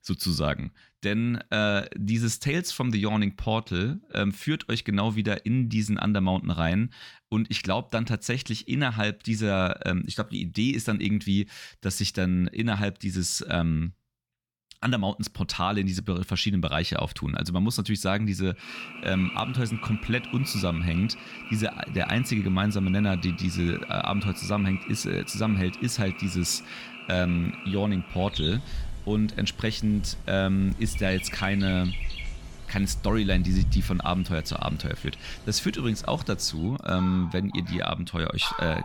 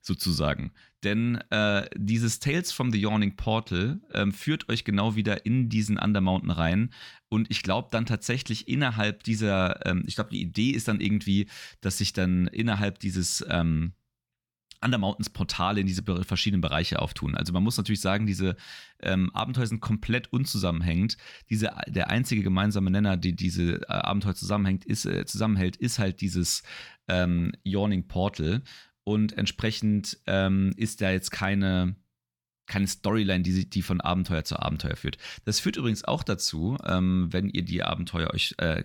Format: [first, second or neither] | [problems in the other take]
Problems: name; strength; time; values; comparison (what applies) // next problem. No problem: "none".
second | animal sounds; noticeable; from 19 s on; 10 dB below the speech